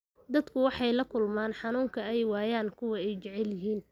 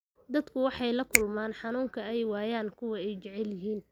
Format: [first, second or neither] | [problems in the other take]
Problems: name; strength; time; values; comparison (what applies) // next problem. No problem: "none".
first | background sound (Finger snapping); 3 dB below the speech